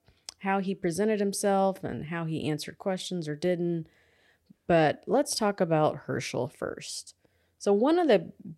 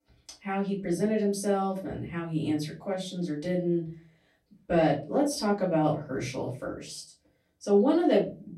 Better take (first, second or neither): first